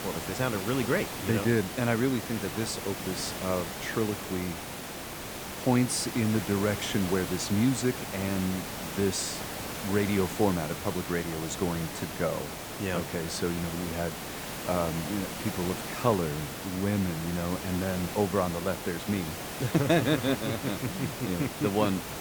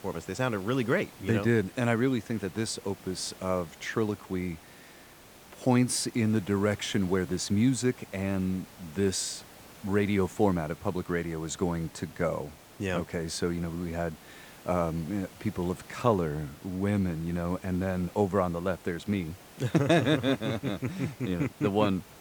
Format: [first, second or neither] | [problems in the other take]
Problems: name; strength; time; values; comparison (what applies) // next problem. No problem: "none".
second | hiss; loud; throughout; 6 dB below the speech; faint in the second